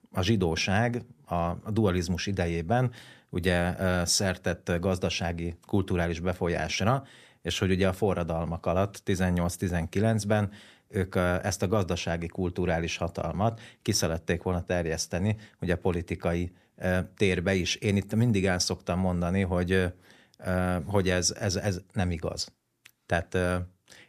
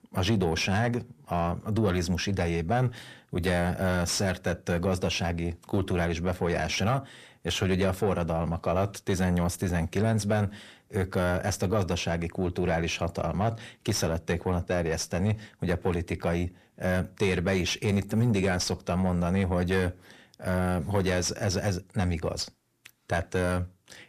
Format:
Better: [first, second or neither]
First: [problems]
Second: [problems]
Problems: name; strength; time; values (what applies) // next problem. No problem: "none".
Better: first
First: none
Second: distortion; slight; 10 dB below the speech